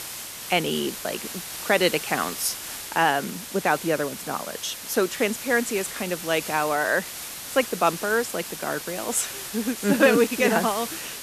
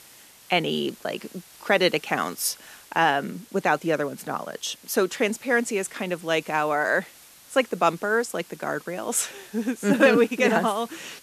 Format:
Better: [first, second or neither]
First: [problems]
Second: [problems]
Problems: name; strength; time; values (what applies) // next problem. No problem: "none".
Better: second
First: hiss; loud; throughout; 8 dB below the speech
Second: hiss; faint; throughout; 25 dB below the speech